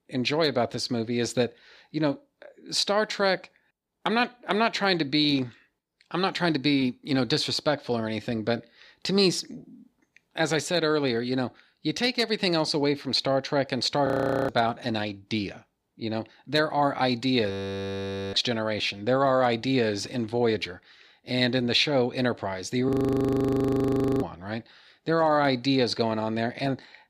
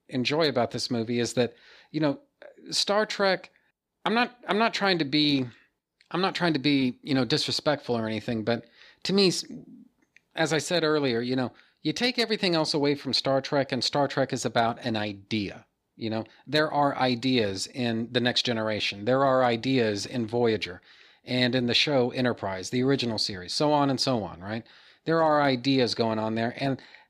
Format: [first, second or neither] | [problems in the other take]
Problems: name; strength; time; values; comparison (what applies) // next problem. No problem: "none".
second | audio freezing; at 14 s, at 18 s for 1 s and at 23 s for 1.5 s